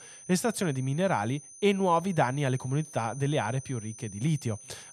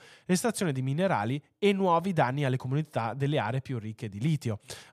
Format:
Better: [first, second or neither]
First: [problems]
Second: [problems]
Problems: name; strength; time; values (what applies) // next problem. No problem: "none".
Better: second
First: high-pitched whine; noticeable; throughout; 6 kHz, 15 dB below the speech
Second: none